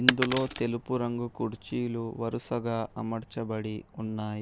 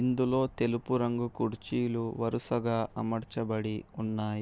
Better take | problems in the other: second | background sound (Shatter); 1 dB below the speech

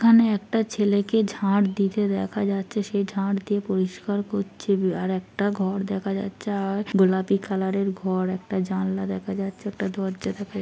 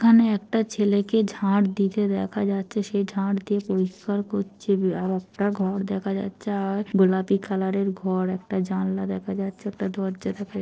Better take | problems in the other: first | noise reduction (neural separator model SepFormer DNS4)

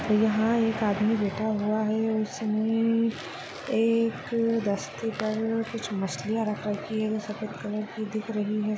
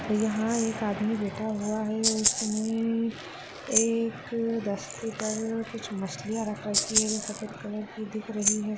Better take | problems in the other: first | background sound (Rattle (instrument)); 3 dB below the speech

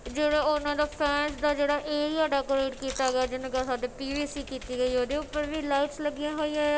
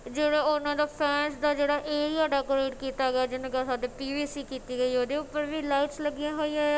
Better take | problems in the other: second | background sound (Chewing, mastication + Computer keyboard); 16 dB below the speech

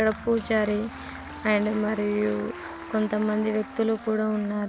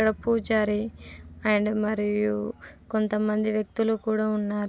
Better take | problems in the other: second | background sound (Applause + Wind instrument, woodwind instrument); 14 dB below the speech

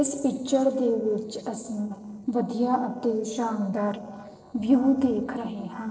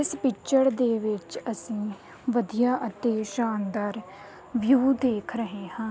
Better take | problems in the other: second | noise reduction (neural separator model SepFormer DNS4)

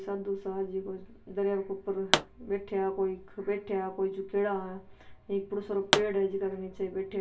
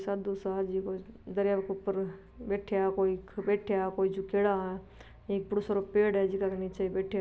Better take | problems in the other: second | background sound (Explosion); 1 dB above the speech // room echo; dies away in 0.2 s

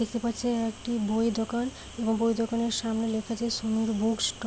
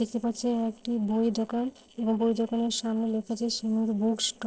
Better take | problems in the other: first | noise reduction (neural separator model SepFormer DNS4)

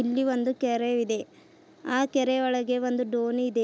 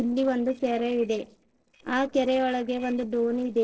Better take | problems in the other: first | noise reduction (neural separator model SepFormer DNS4)

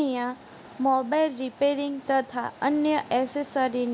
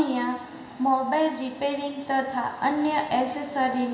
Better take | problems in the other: first | room echo; dies away in 1.4 s

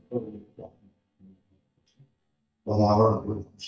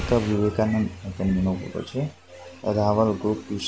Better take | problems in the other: second | noise reduction (neural mask model DeepFilterNet 3)

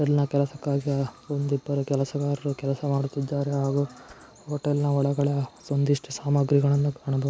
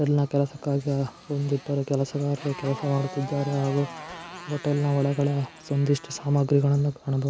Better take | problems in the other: first | background sound (Motorcycle); 18 dB below the speech

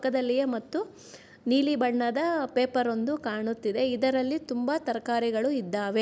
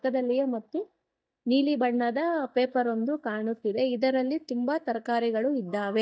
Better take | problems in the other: first | noise reduction (neural mask model DeepFilterNet 3)

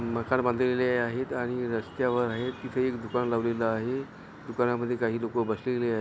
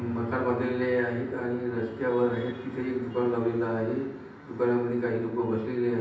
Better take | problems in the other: first | room echo; dies away in 0.9 s

